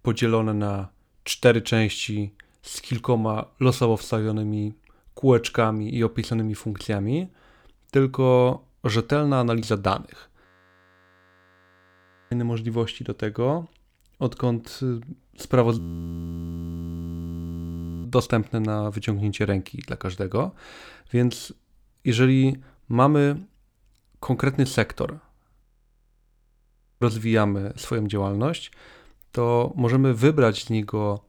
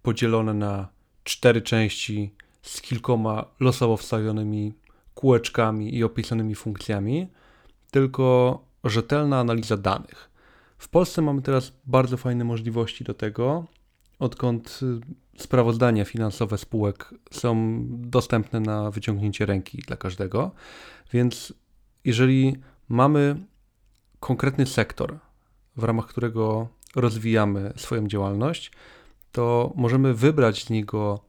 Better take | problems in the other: second | audio freezing; at 10 s for 2 s, at 16 s for 2.5 s and at 26 s for 1.5 s

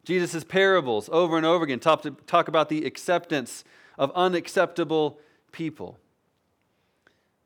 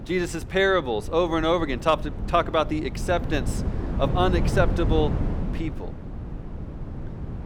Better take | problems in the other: first | wind noise on the microphone; occasional gusts; 15 dB below the speech

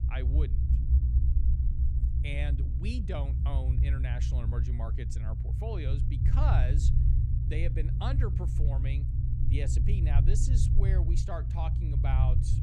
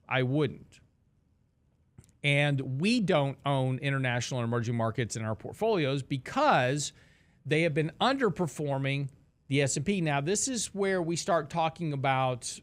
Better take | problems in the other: second | low rumble; loud; throughout; 3 dB below the speech

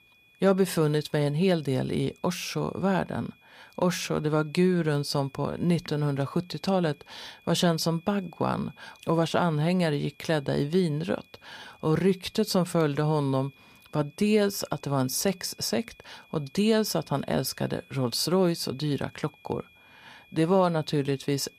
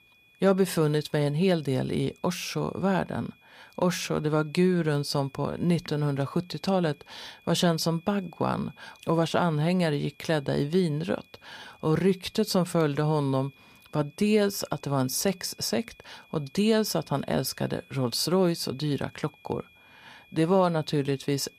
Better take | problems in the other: neither | high-pitched whine; faint; throughout; 2.5 kHz, 30 dB below the speech; the same in both

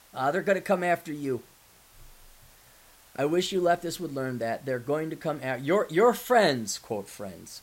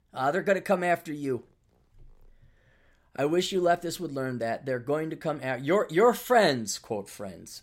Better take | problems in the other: second | hiss; faint; throughout; 25 dB below the speech

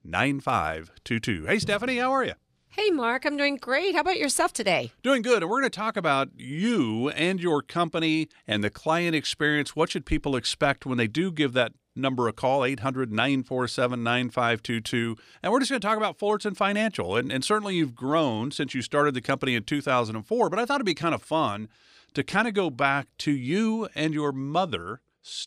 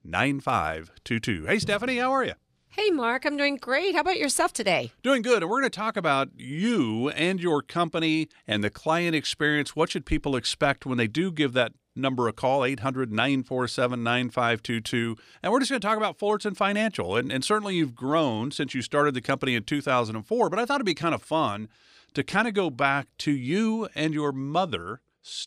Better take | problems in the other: neither | none

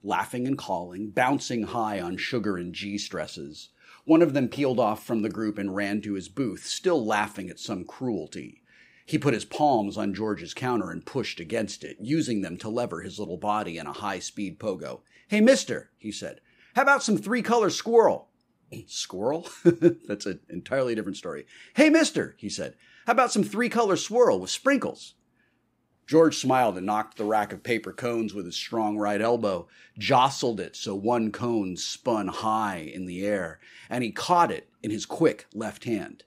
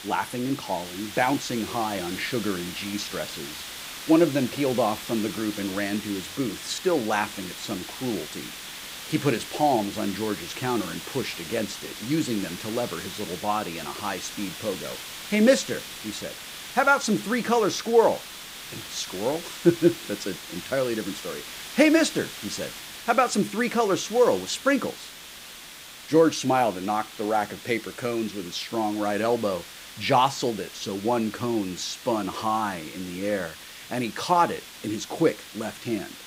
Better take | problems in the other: first | hiss; noticeable; throughout; 10 dB below the speech

